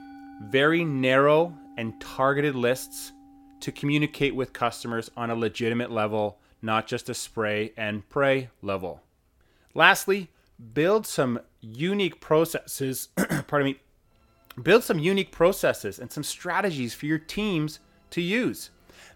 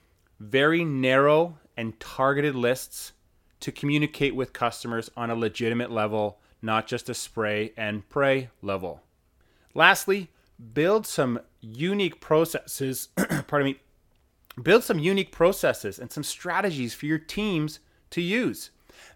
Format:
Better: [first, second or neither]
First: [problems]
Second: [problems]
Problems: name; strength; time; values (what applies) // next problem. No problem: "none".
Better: second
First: background music; faint; throughout; 25 dB below the speech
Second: none